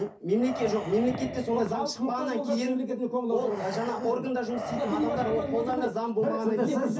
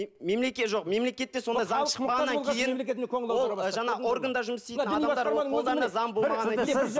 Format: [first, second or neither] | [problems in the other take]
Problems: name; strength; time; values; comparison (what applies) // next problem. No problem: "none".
second | background sound (Breathing); 12 dB below the speech // room echo; dies away in 0.3 s